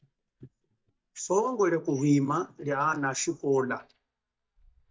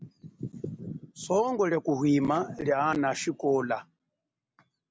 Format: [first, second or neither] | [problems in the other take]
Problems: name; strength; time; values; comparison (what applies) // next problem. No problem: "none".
second | noise reduction (neural mask model DeepFilterNet 3)